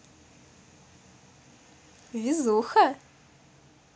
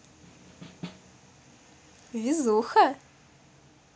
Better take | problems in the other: first | background sound (Snare drum); 17 dB below the speech

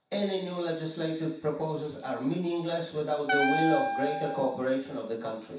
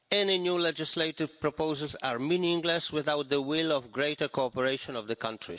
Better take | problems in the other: second | background sound (Wind instrument, woodwind instrument); 1 dB below the speech // room echo; dies away in 0.7 s

